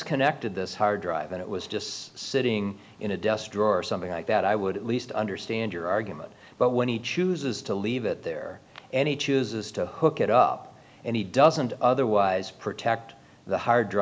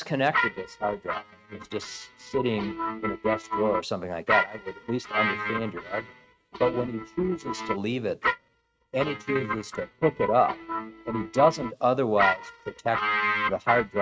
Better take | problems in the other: first | noise reduction (neural mask model RNNoise)

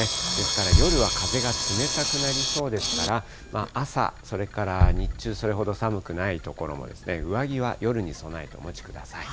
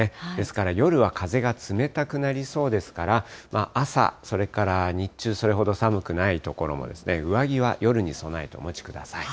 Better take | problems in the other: second | background sound (Bass drum + Camera); 1 dB above the speech

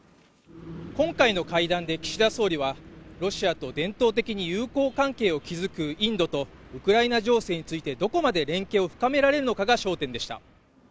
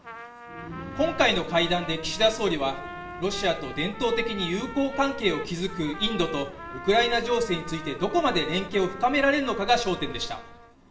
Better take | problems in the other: first | background sound (Trumpet); 14 dB below the speech // room echo; dies away in 0.6 s

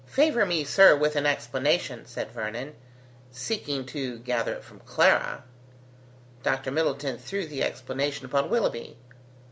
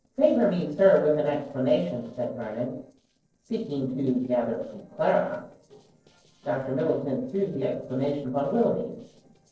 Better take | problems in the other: first | noise reduction (neural separator model SepFormer DNS4)

